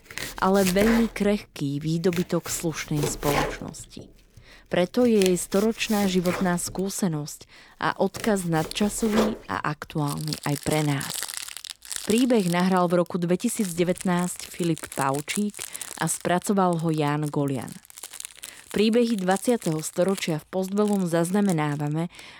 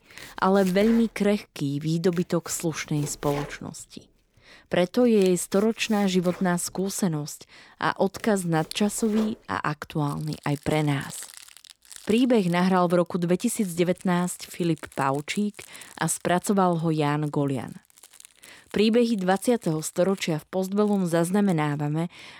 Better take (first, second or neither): second